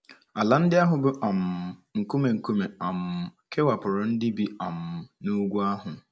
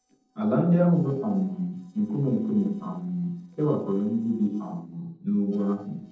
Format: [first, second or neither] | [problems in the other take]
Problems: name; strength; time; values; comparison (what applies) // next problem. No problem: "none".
first | noise reduction (neural separator model SepFormer DNS4)